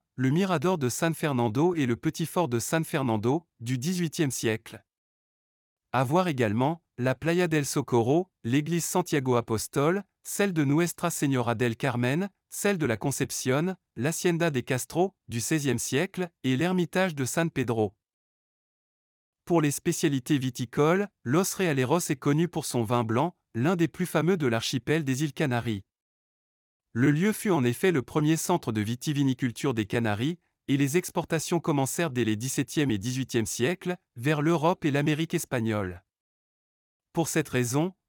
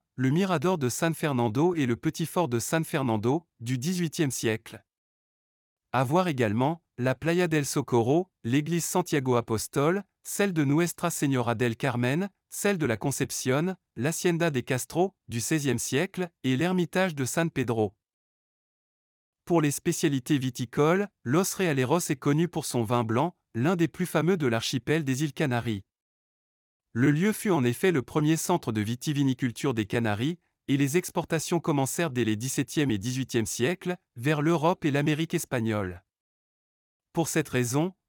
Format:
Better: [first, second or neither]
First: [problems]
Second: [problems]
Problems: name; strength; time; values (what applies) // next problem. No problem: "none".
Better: neither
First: none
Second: none